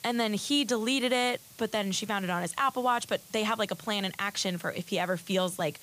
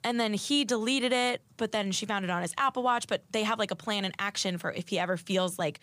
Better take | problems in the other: second | hiss; faint; throughout; 20 dB below the speech

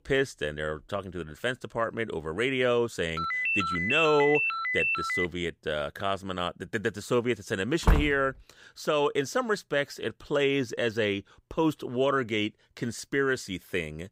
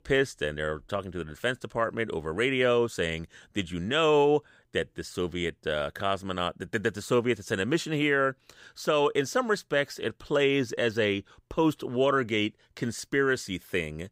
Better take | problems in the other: second | phone ringing; loud; from 3 to 5.5 s; peak 3 dB above the speech // door banging; loud; at 8 s; peak 2 dB above the speech

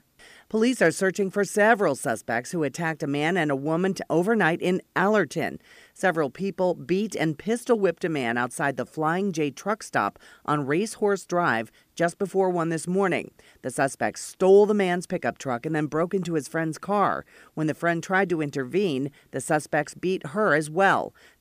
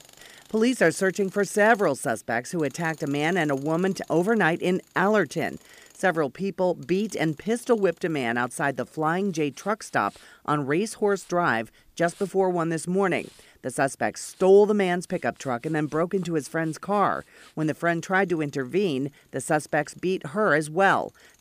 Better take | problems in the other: first | machinery noise; faint; throughout; 30 dB below the speech

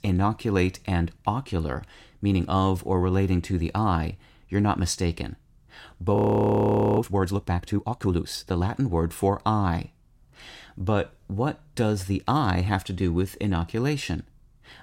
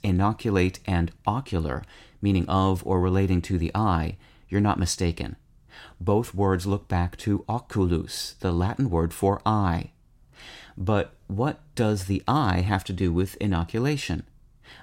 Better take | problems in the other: second | audio freezing; at 6 s for 1 s

